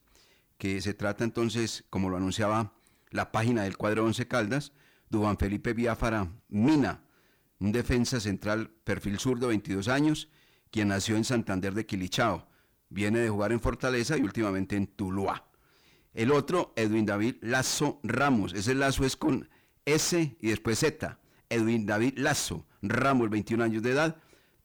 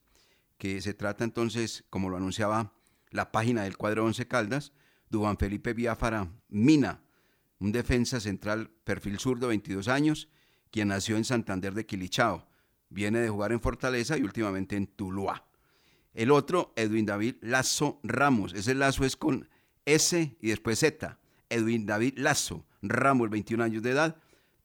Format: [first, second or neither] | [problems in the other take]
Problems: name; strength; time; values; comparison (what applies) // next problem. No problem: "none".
second | distortion; slight; 10 dB below the speech